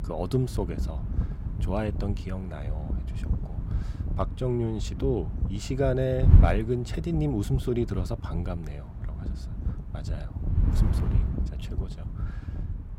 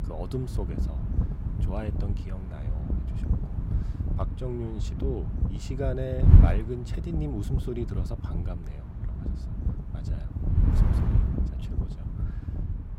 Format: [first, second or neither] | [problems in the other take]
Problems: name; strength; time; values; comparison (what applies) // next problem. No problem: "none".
first | wind noise on the microphone; heavy; 3 dB below the speech; occasional gusts in the first